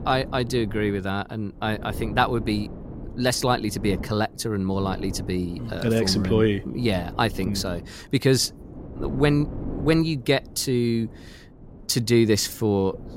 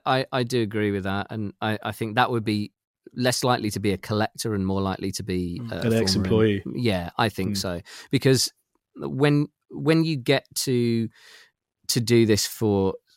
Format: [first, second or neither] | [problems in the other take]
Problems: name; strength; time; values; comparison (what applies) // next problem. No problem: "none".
second | wind noise on the microphone; occasional gusts; 15 dB below the speech